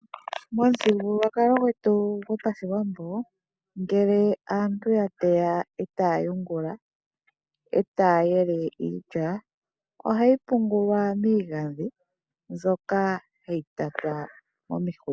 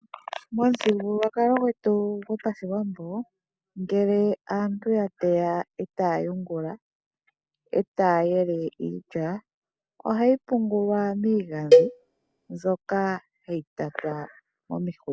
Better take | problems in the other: first | background sound (Cowbell); 4 dB above the speech

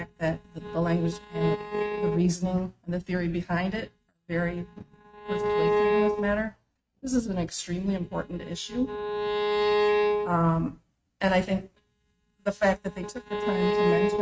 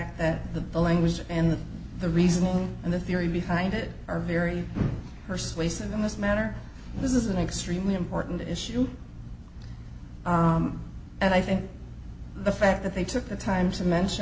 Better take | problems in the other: second | noise reduction (neural mask model RNNoise)

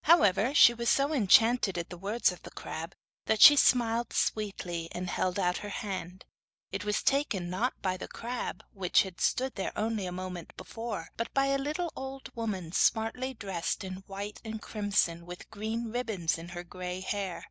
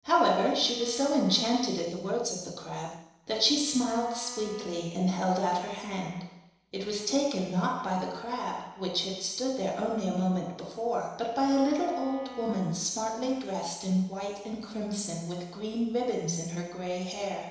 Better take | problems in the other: first | noise reduction (neural separator model SepFormer DNS4)

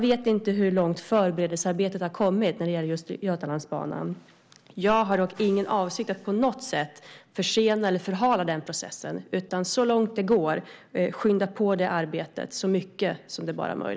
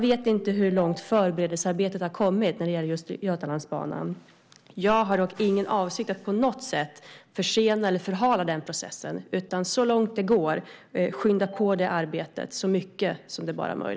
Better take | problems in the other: first | background sound (Ringtone); 16 dB below the speech

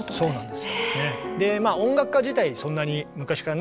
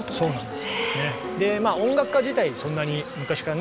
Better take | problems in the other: first | background sound (Insect + Bird); 14 dB below the speech

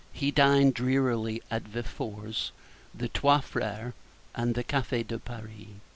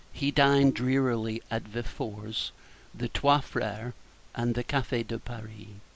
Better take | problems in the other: first | background sound (Bowed string instrument); 16 dB below the speech

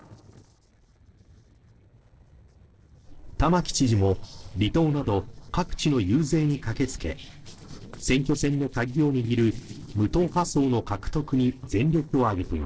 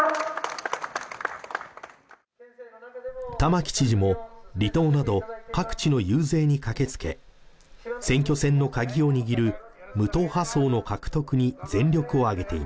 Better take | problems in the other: second | noise reduction (neural separator model SepFormer DNS4)

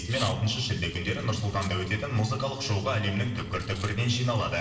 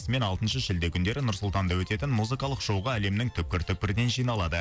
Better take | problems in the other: second | noise reduction (neural separator model SepFormer DNS4)

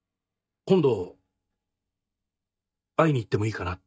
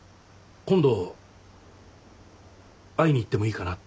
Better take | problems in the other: second | noise reduction (neural mask model DeepFilterNet 3)

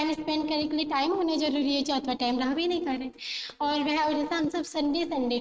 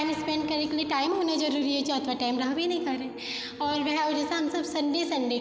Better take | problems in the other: second | noise reduction (neural mask model RNNoise)

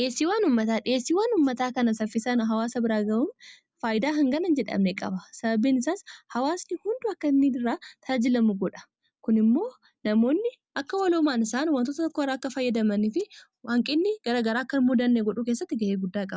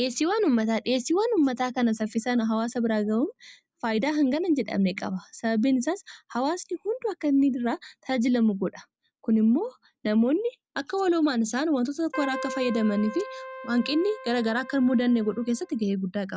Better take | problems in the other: first | background sound (Keyboard (musical)); 12 dB below the speech

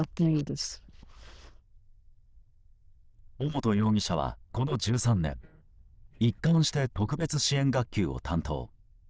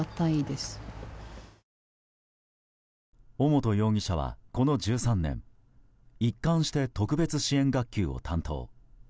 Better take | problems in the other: second | noise reduction (neural diffusion model UNIVERSE++)

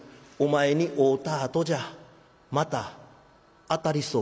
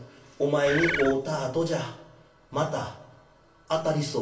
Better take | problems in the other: first | background sound (Bird); 1 dB below the speech // room echo; dies away in 0.3 s

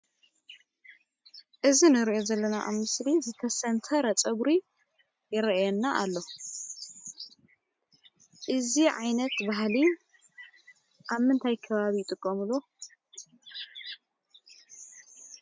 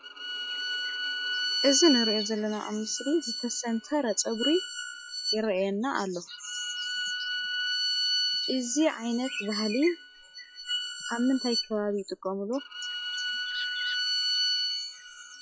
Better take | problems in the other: first | noise reduction (classical method log-MMSE)

